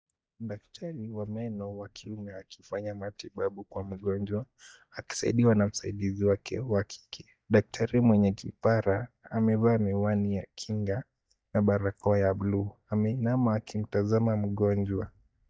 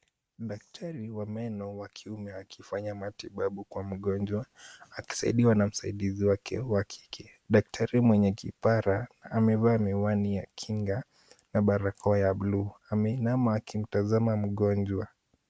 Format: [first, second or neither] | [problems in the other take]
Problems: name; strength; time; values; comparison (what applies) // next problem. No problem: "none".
second | noise reduction (neural mask model DeepFilterNet 3)